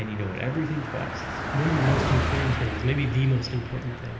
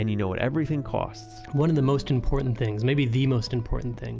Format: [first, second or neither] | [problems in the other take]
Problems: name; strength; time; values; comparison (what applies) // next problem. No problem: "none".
second | background sound (Car passing by); 3 dB below the speech // room echo; dies away in 0.8 s